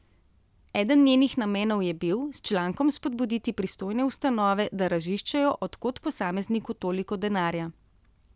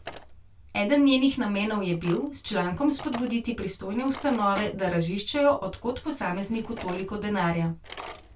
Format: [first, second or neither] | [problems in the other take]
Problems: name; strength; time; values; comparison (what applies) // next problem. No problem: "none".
first | background sound (Drawer open or close); 18 dB below the speech // room echo; dies away in 0.2 s